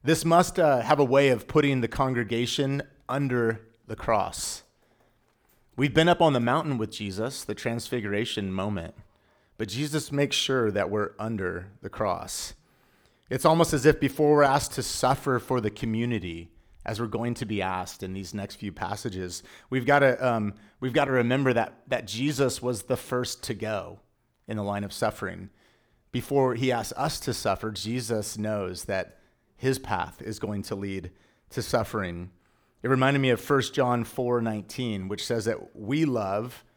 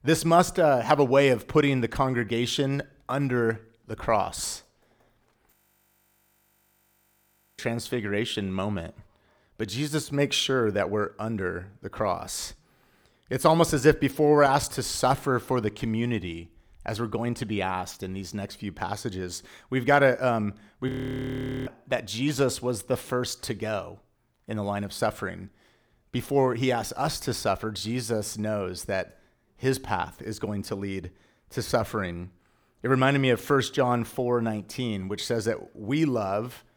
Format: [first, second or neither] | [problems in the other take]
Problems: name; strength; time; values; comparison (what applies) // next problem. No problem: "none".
first | audio freezing; at 5.5 s for 2 s and at 21 s for 1 s